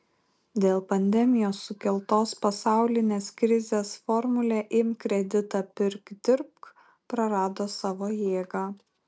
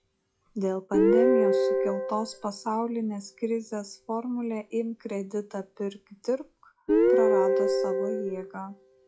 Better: first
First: none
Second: noise reduction (classical method log-MMSE)

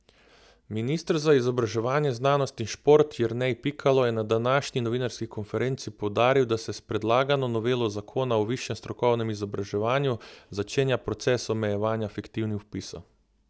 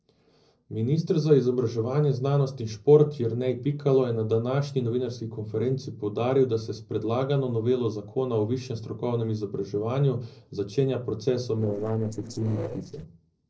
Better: first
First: none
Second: noise reduction (neural separator model SepFormer DNS4)

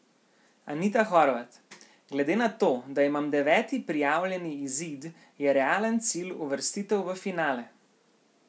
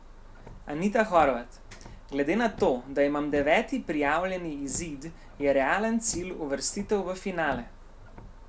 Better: first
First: none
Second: background sound (Car); 16 dB below the speech

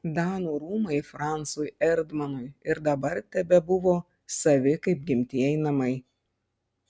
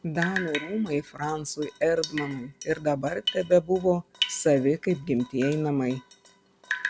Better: first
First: none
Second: background sound (Drip); 10 dB below the speech

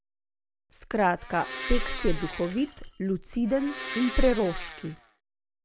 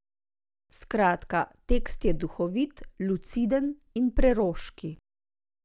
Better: second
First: background sound (Domestic sounds, home sounds + Coin (dropping)); 11 dB below the speech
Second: none

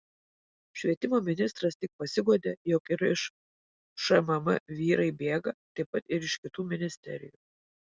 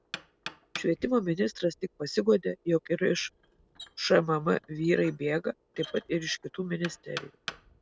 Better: first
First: none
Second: background sound (Knock); 18 dB below the speech

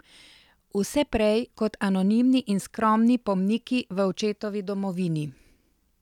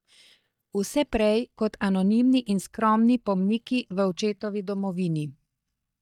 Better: first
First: none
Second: noise reduction (neural mask model DeepFilterNet 3)

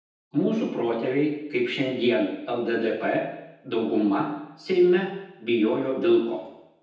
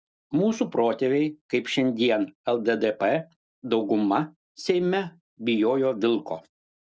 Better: second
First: room echo; dies away in 0.9 s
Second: none

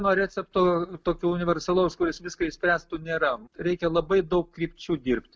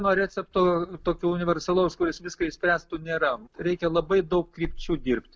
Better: first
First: none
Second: background sound (Wind / Car); 19 dB below the speech

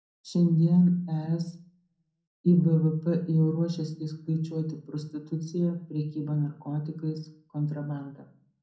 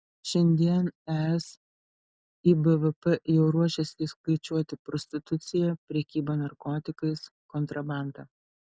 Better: second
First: room echo; dies away in 0.6 s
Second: none

